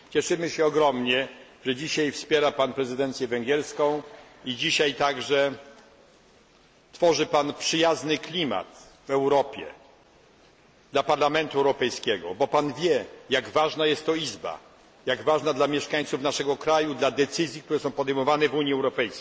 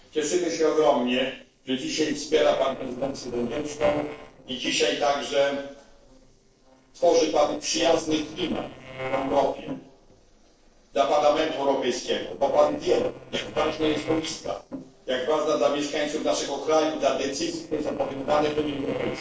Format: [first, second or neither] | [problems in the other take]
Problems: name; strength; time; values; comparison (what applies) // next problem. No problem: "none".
first | noise reduction (neural separator model SepFormer DNS4)